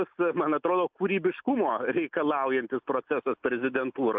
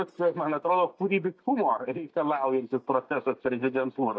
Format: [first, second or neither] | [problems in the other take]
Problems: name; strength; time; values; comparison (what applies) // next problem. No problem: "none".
first | noise reduction (neural mask model DeepFilterNet 3)